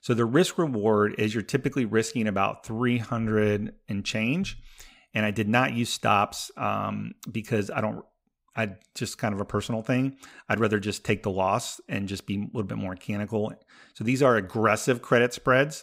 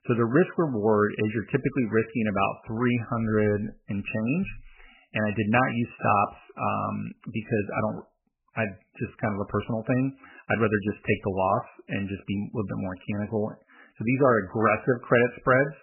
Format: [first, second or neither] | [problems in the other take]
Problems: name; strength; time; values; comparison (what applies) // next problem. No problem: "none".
first | garbled, watery; badly; nothing above 3 kHz